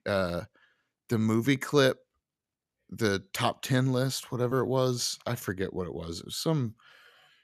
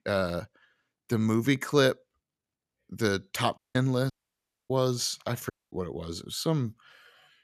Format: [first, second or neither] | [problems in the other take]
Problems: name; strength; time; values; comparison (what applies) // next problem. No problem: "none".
first | audio cutting out; at 3.5 s, at 4 s for 0.5 s and at 5.5 s